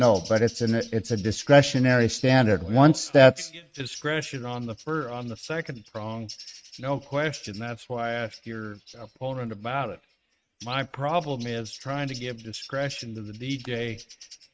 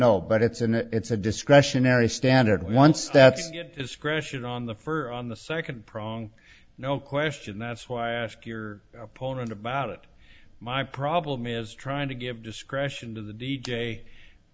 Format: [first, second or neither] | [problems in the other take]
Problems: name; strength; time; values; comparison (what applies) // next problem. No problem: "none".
second | noise reduction (neural mask model RNNoise)